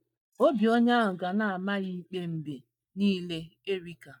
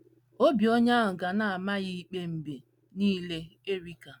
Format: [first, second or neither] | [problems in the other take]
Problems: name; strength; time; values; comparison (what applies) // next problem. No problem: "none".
second | noise reduction (neural mask model DeepFilterNet 3)